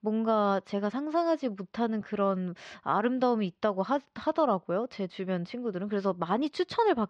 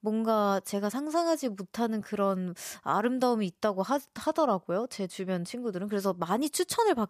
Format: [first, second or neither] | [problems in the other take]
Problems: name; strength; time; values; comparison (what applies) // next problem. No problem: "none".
second | muffled; slightly; fading above 4 kHz